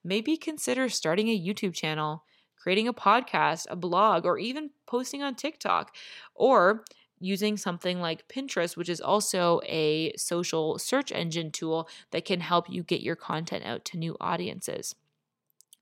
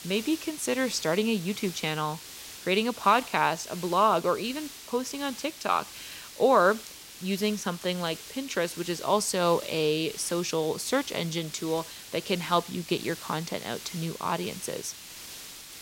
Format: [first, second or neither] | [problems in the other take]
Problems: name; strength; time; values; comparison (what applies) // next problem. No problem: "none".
first | hiss; noticeable; throughout; 15 dB below the speech